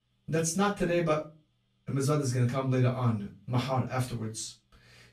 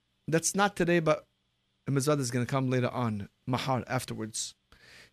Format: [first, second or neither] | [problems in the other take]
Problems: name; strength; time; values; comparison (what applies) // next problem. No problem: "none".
second | off-mic speech; far // room echo; very slight; dies away in 0.2 s